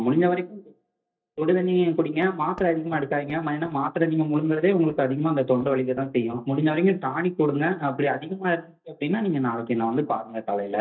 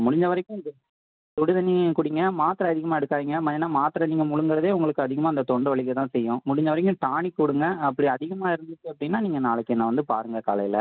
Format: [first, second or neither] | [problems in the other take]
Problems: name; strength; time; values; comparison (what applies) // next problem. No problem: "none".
second | noise reduction (neural mask model DeepFilterNet 3)